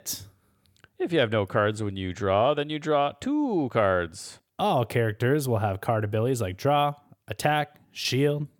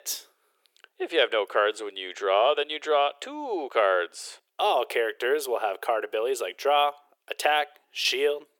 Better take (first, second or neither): first